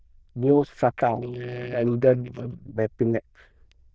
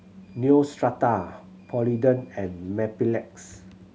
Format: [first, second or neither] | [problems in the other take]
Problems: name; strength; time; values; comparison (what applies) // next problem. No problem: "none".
second | noise reduction (neural diffusion model UNIVERSE++)